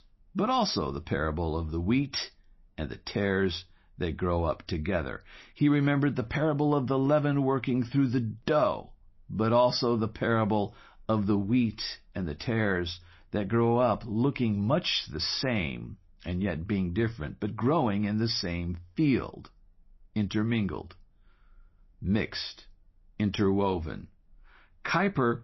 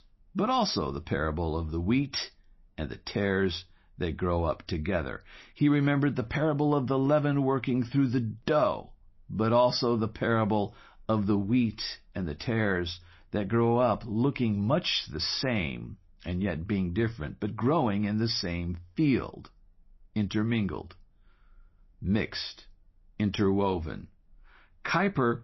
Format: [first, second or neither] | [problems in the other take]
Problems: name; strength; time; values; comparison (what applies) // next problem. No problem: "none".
neither | garbled, watery; slightly; nothing above 5.5 kHz; the same in both